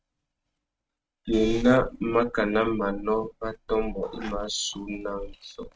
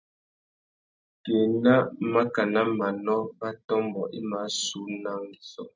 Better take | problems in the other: second | noise reduction (neural mask model RNNoise)

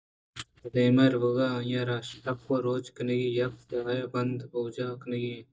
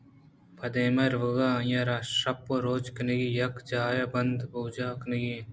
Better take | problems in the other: second | noise reduction (neural mask model DeepFilterNet 3)

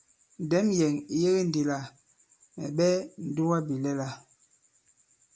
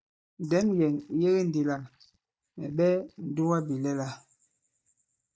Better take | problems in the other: first | noise reduction (neural mask model DeepFilterNet 3)

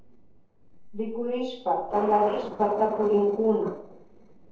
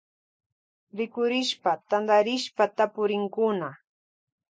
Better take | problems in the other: second | noise reduction (neural separator model SepFormer DNS4)

